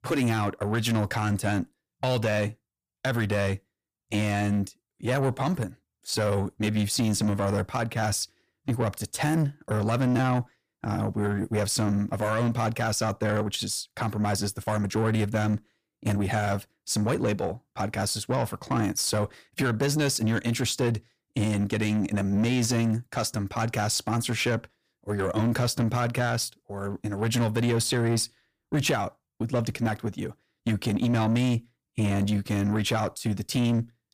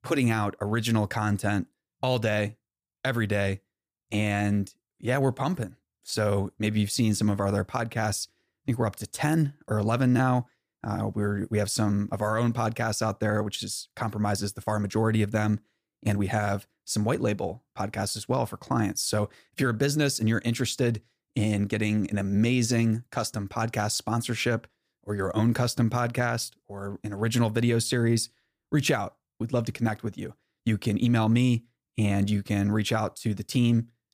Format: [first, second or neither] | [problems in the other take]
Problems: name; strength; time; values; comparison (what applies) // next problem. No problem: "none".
second | distortion; slight; 10 dB below the speech